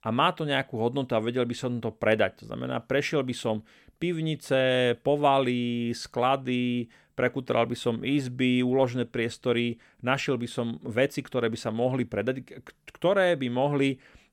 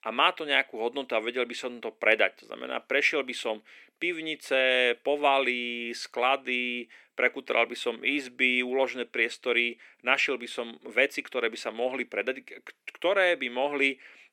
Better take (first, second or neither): first